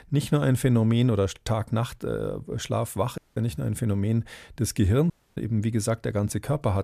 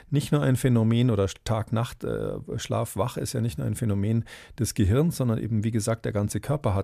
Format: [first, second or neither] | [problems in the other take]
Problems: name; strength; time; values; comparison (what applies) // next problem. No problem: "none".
second | audio cutting out; at 3 s and at 5 s